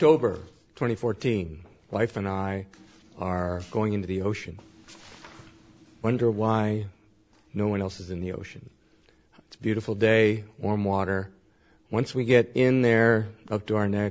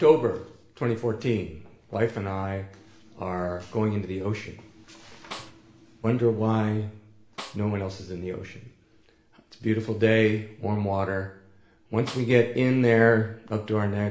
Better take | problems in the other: first | background sound (Snare drum); 18 dB below the speech // room echo; dies away in 0.6 s

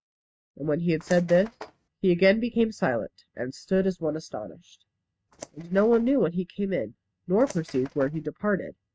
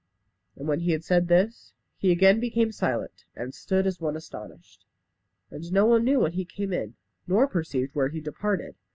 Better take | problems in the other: second | noise reduction (neural mask model RNNoise)

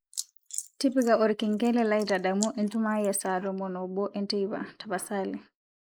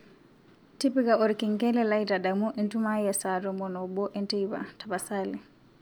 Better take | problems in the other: second | noise reduction (neural mask model Resemble Enhance denoiser)

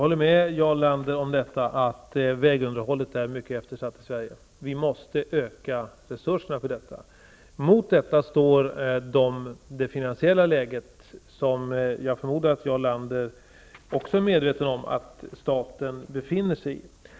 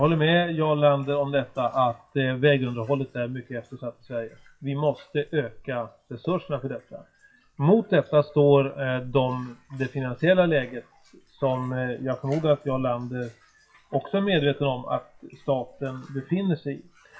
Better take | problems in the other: first | noise reduction (classical method WPE with log-MMSE)

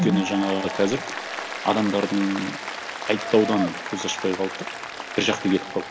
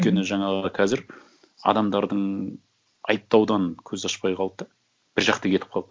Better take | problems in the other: second | background sound (Applause); 8 dB below the speech // room echo; dies away in 1.1 s

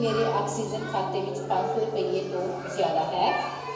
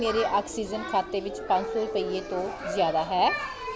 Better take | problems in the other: second | background sound (Bass guitar); 13 dB below the speech // room echo; dies away in 1 s

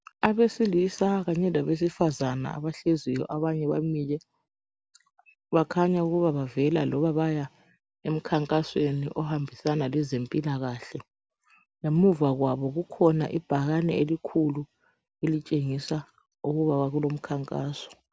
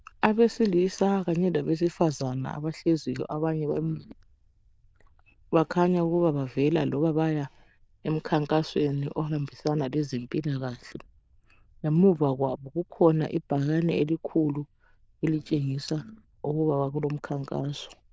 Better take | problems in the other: first | noise reduction (neural diffusion model UNIVERSE++)

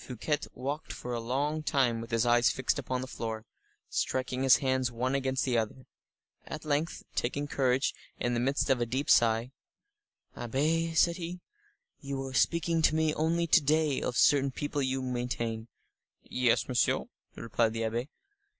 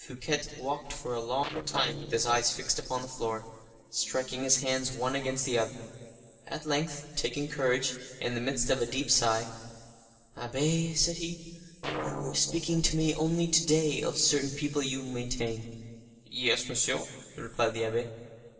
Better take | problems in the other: first | noise reduction (neural separator model SepFormer DNS4)

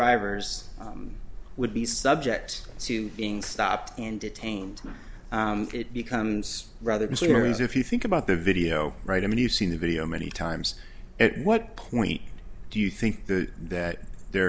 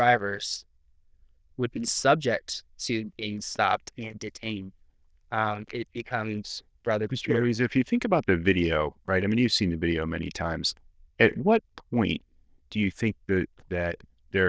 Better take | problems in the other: first | noise reduction (neural diffusion model UNIVERSE++)

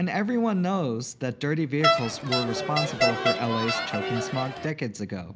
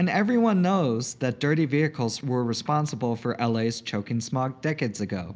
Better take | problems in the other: second | background sound (Crowd); 1 dB above the speech

